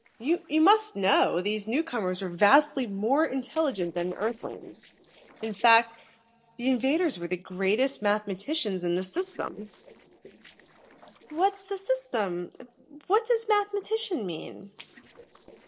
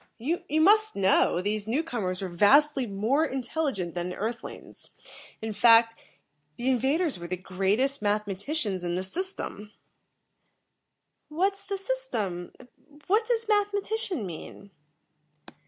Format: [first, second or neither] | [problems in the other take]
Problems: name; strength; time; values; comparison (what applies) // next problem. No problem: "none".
second | noise reduction (neural separator model SepFormer DNS4)